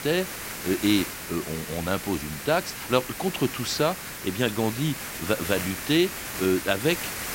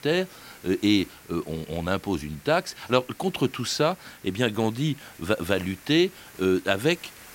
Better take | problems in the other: second | hiss; loud; throughout; 6 dB below the speech; faint in the second

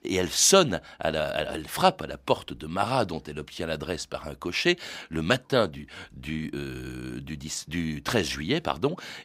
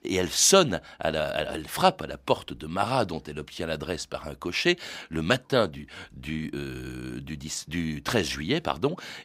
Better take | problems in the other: neither | none

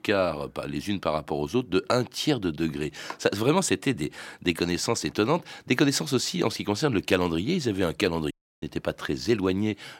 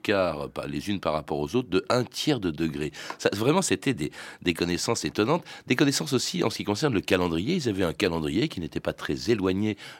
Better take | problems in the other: second | audio cutting out; at 8.5 s

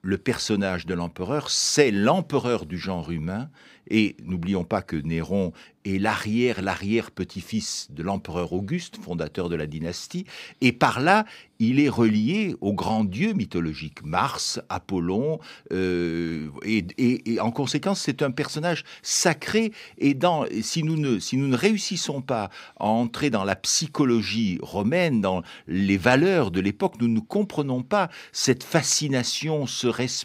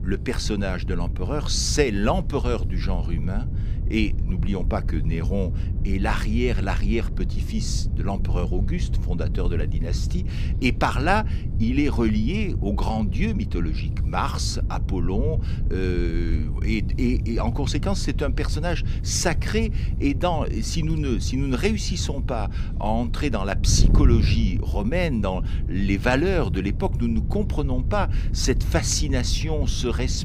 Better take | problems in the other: first | wind noise on the microphone; occasional gusts; 15 dB below the speech

